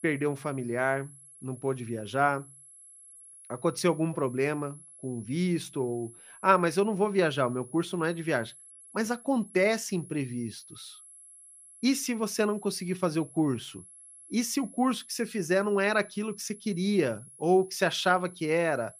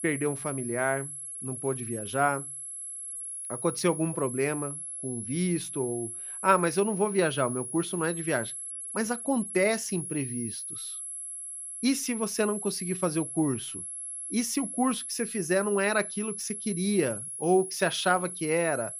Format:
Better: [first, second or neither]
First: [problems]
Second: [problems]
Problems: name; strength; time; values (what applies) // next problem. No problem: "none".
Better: first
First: high-pitched whine; faint; throughout; 11 kHz, 20 dB below the speech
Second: high-pitched whine; loud; throughout; 11 kHz, 6 dB below the speech